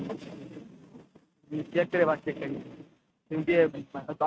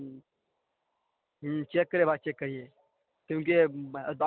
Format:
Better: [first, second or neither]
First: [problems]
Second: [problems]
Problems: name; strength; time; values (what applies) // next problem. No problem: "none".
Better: second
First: noise reduction (neural mask model RNNoise)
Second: none